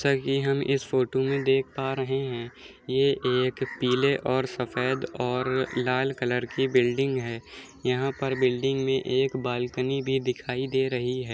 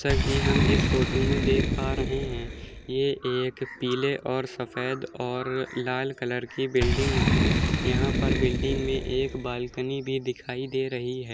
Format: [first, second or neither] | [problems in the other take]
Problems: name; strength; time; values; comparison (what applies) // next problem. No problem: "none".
first | background sound (Boom); 1 dB above the speech